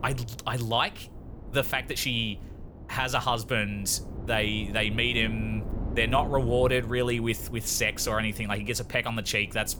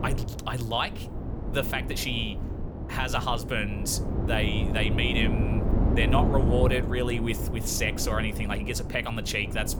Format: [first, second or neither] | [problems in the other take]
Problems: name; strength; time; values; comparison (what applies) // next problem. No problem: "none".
first | wind noise on the microphone; heavy; 8 dB below the speech; occasional gusts in the first